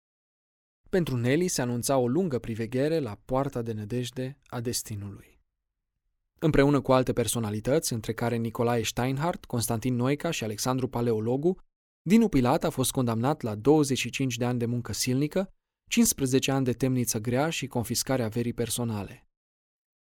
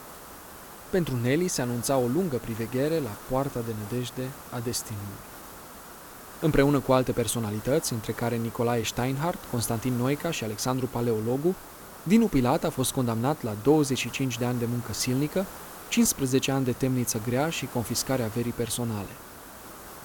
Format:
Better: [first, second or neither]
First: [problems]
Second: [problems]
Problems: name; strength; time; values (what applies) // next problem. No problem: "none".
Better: first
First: none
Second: hiss; noticeable; throughout; 15 dB below the speech